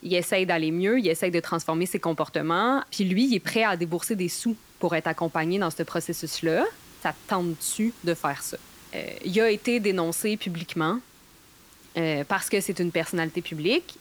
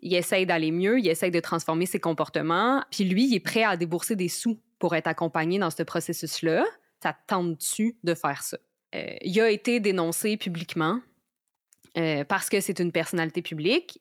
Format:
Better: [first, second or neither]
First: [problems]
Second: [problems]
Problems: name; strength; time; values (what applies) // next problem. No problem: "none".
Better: second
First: hiss; faint; throughout; 25 dB below the speech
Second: none